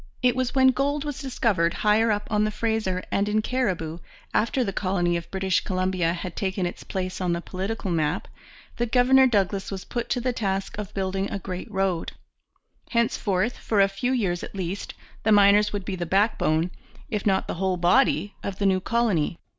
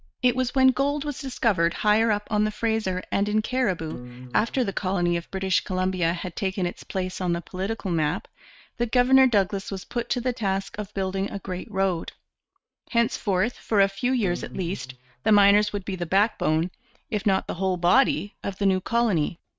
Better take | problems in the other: first | noise reduction (neural mask model RNNoise)

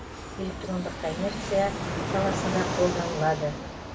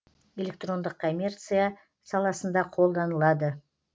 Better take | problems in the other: second | background sound (Fixed-wing aircraft, airplane); 2 dB below the speech // room echo; dies away in 0.1 s

